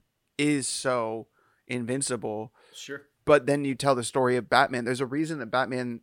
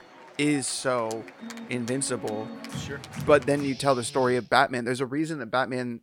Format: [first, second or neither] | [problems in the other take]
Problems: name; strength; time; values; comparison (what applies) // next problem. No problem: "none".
first | background music; noticeable; until 4.5 s; 15 dB below the speech